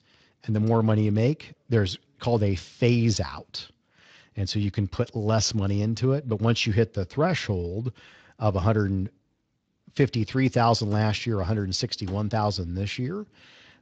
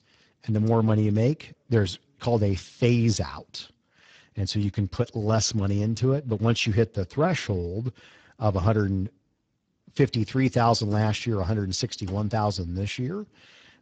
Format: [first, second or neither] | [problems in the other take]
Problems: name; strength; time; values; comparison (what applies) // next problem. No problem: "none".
first | garbled, watery; badly; nothing above 16 kHz; slightly in the first